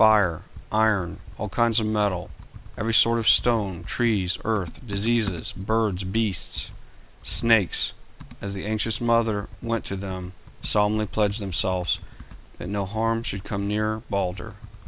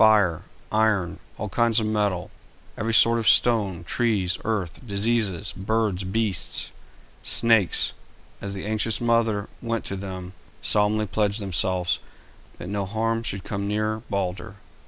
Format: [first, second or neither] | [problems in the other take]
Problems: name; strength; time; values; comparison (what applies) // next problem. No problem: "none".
second | background sound (Computer keyboard); 16 dB below the speech